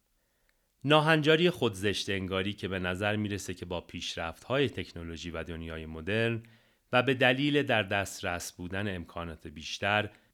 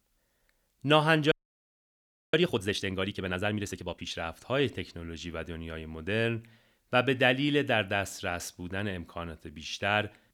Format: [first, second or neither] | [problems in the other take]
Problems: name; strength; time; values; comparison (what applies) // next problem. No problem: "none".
first | audio freezing; at 1.5 s for 1 s